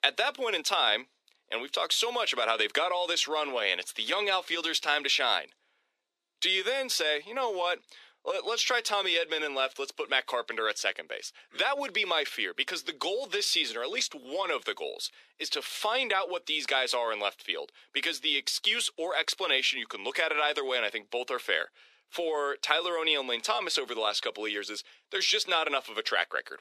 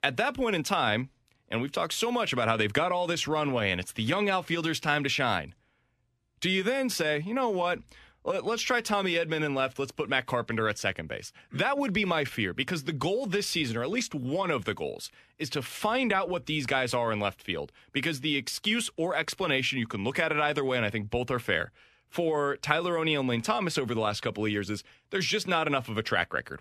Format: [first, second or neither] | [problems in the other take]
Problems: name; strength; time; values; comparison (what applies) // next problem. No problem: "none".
second | thin; very; fading below 400 Hz